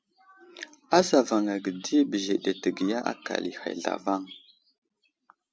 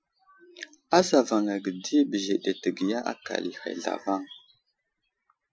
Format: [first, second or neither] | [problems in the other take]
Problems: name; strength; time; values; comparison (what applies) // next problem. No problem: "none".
first | noise reduction (classical method Wiener filter)